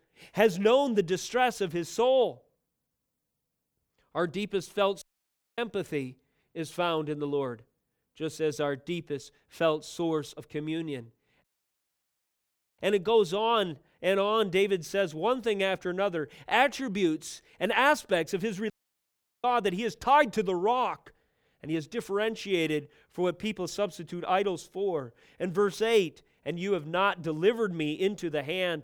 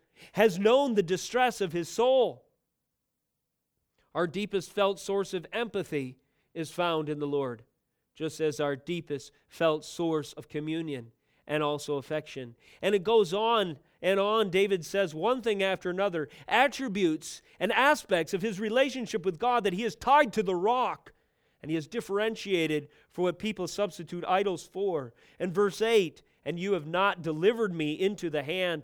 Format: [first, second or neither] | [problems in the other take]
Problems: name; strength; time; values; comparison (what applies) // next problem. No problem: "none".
second | audio cutting out; at 5 s for 0.5 s, at 11 s for 1.5 s and at 19 s for 0.5 s